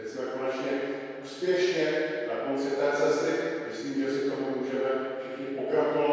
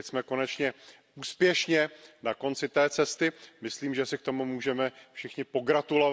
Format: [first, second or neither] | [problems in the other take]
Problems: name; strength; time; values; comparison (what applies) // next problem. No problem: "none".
second | room echo; dies away in 2.2 s